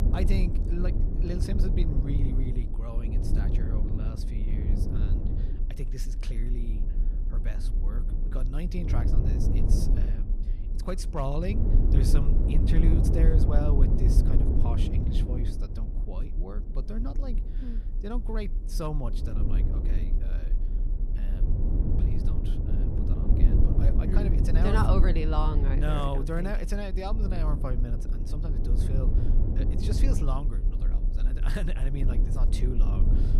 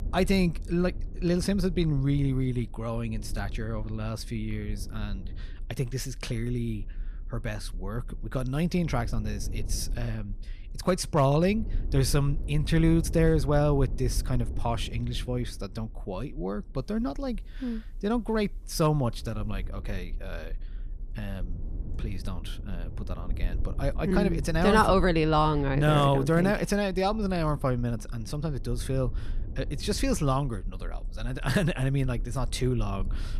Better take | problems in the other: second | low rumble; loud; throughout; 3 dB below the speech; faint in the second

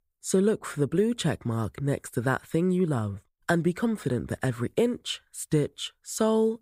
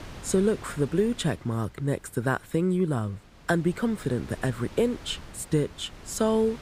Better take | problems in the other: first | wind noise on the microphone; occasional gusts; 20 dB below the speech

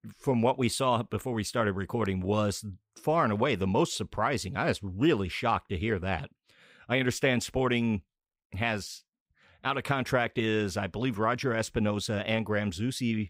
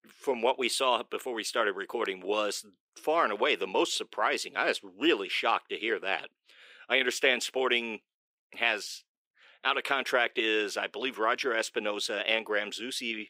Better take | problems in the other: first | thin; somewhat; fading below 350 Hz

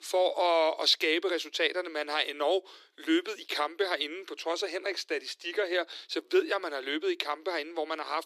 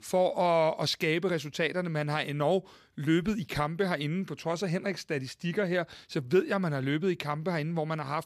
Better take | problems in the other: second | thin; very; fading below 300 Hz

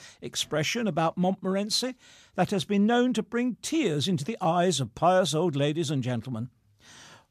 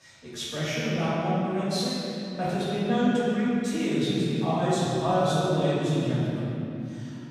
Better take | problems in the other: first | room echo; strong; dies away in 2.9 s // off-mic speech; far

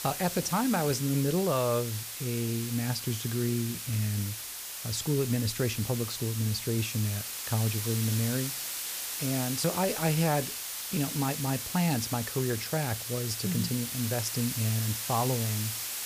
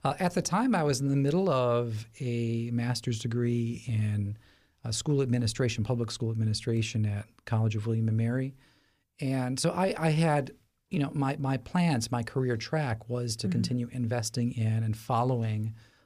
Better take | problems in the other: second | hiss; loud; throughout; 4 dB below the speech

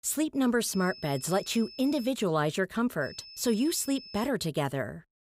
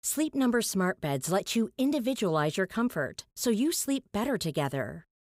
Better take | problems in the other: second | high-pitched whine; noticeable; from 0.5 to 2 s and from 3 to 4.5 s; 5 kHz, 15 dB below the speech

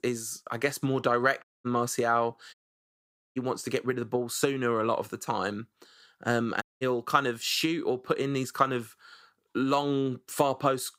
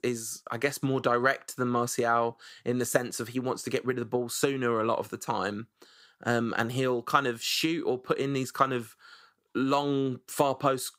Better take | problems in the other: second | audio cutting out; at 1.5 s, at 2.5 s for 1 s and at 6.5 s

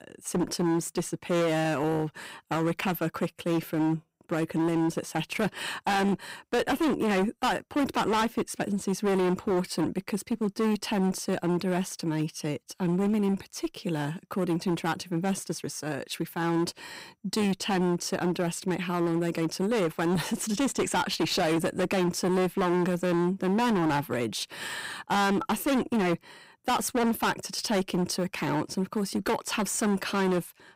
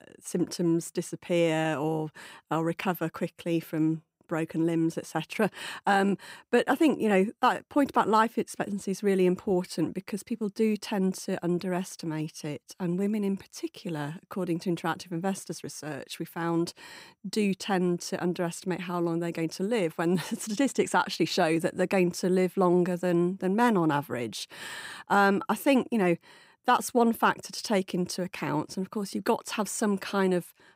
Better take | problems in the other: second | distortion; heavy; 19% of the sound clipped

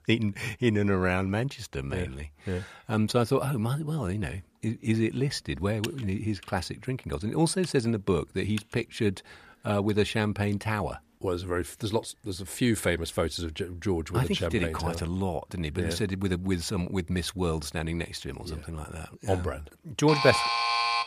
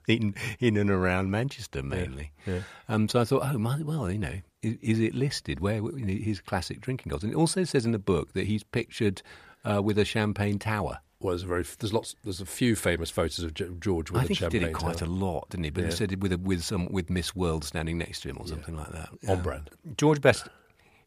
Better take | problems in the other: second | keyboard typing; faint; from 6 to 8.5 s; peak 10 dB below the speech // alarm; loud; at 20 s; peak 4 dB above the speech

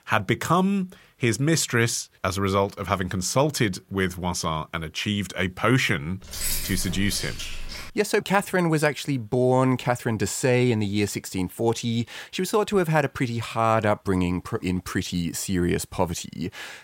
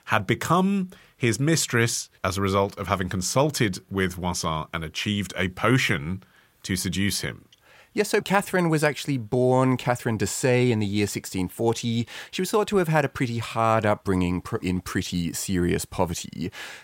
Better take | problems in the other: second | jangling keys; noticeable; from 6 to 8 s; peak 2 dB below the speech

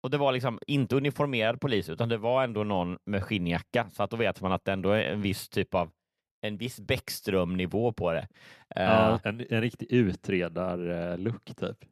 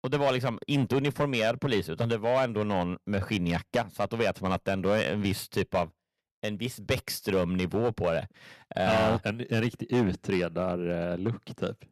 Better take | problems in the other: first | distortion; slight; 4% of the sound clipped

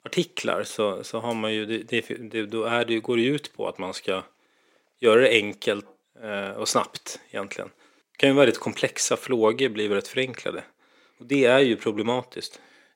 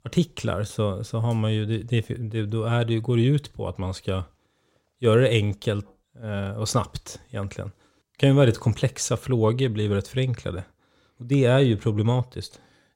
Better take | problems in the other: second | thin; somewhat; fading below 250 Hz

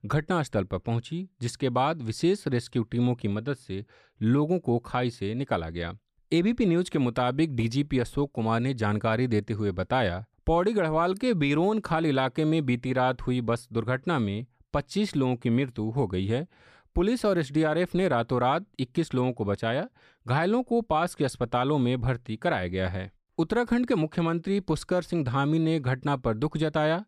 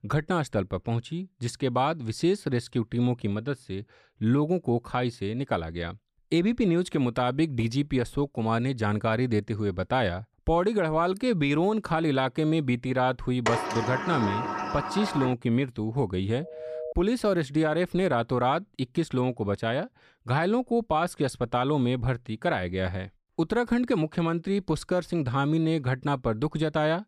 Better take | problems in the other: first | door banging; noticeable; from 13 to 15 s; peak 1 dB below the speech // phone ringing; noticeable; at 16 s; peak 9 dB below the speech

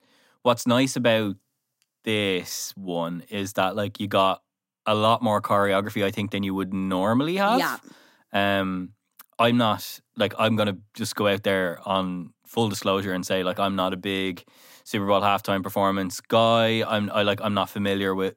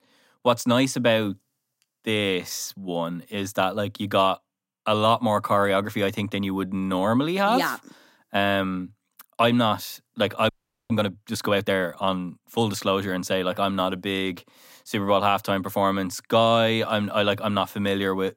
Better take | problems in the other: first | audio freezing; at 10 s

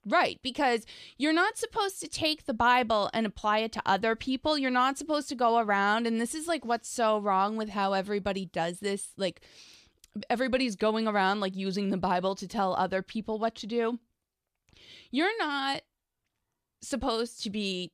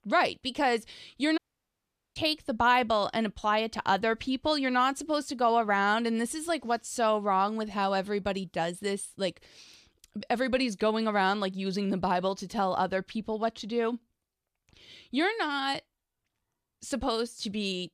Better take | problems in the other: first | audio cutting out; at 1.5 s for 1 s

